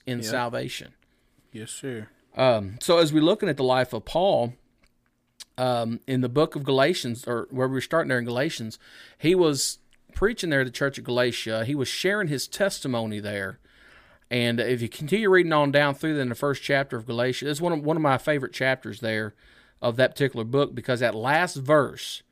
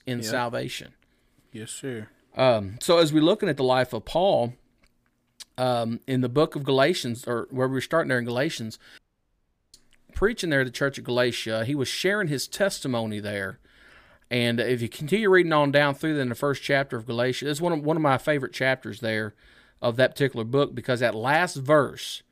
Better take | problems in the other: first | audio cutting out; at 9 s for 1 s

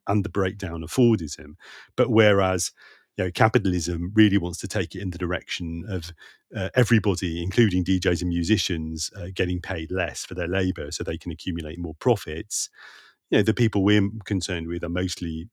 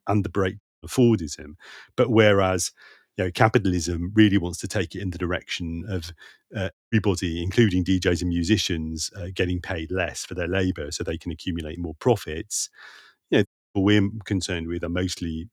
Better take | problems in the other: first | audio cutting out; at 0.5 s, at 6.5 s and at 13 s

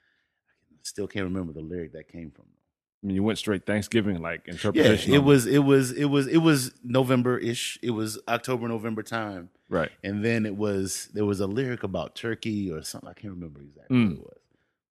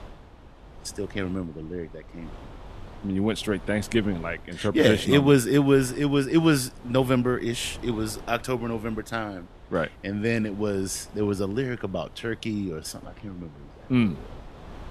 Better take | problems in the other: first | wind noise on the microphone; occasional gusts; 20 dB below the speech

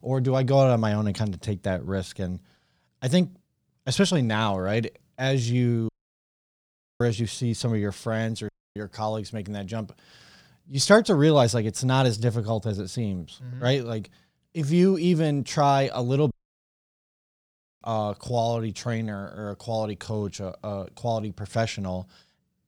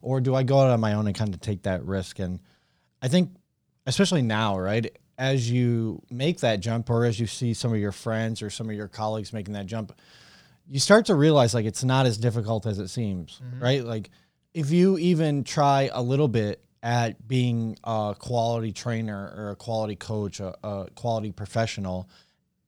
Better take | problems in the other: second | audio cutting out; at 6 s for 1 s, at 8.5 s and at 16 s for 1.5 s

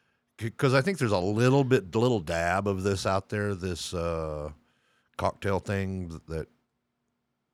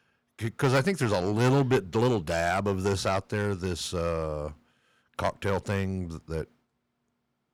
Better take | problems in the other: first | distortion; slight; 4% of the sound clipped

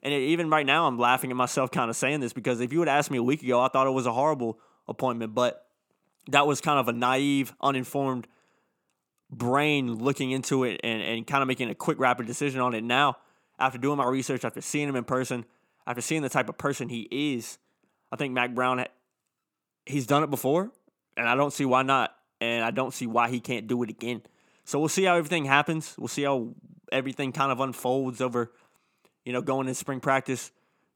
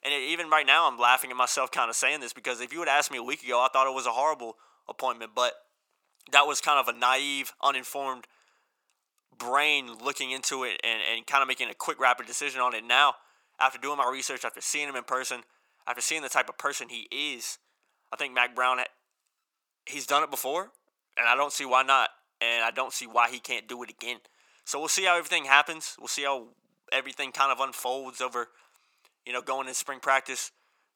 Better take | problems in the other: first | thin; very; fading below 800 Hz

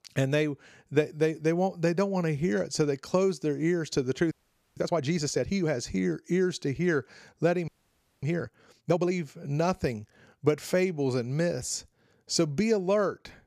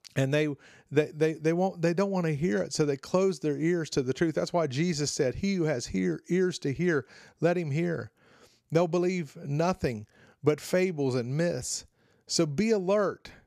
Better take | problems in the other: second | audio freezing; at 4.5 s and at 7.5 s for 0.5 s

